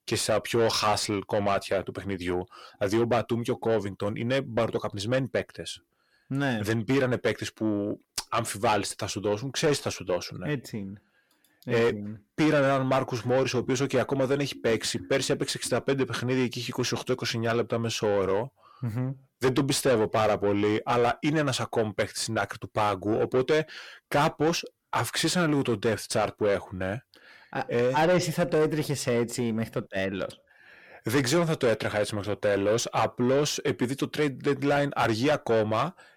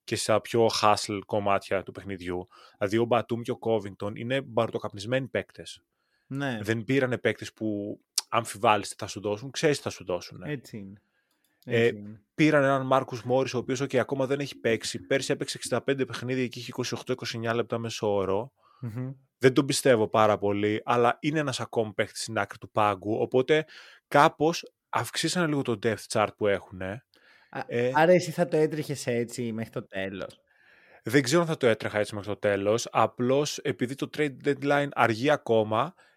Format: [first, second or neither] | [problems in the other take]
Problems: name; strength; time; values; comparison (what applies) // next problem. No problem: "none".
second | distortion; heavy; 7 dB below the speech